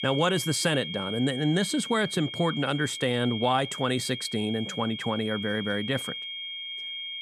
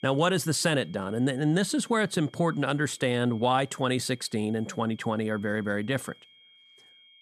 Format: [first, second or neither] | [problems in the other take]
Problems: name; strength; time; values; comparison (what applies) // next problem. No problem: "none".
second | high-pitched whine; loud; throughout; 3 kHz, 7 dB below the speech; faint in the second